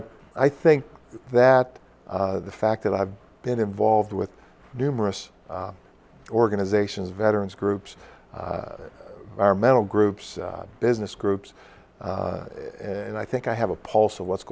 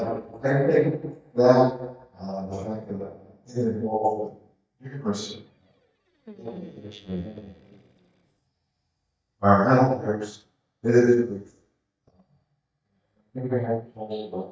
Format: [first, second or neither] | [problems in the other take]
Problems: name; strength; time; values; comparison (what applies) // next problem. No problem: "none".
first | noise reduction (neural mask model DeepFilterNet 3)